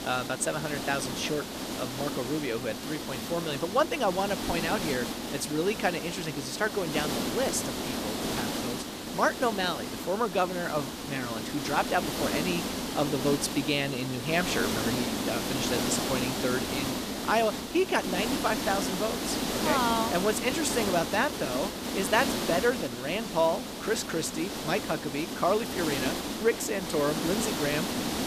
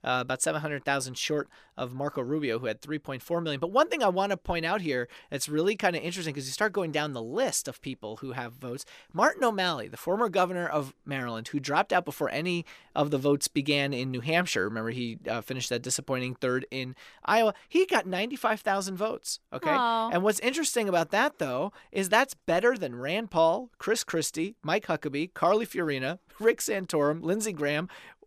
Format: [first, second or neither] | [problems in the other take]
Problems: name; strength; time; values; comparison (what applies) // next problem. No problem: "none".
second | hiss; loud; throughout; 2 dB below the speech